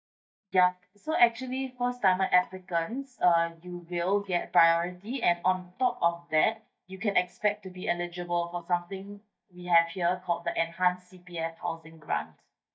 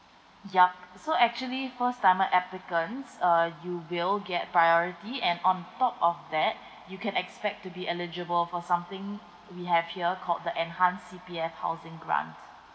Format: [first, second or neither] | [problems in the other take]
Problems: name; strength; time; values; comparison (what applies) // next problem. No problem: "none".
second | noise reduction (neural mask model DeepFilterNet 3)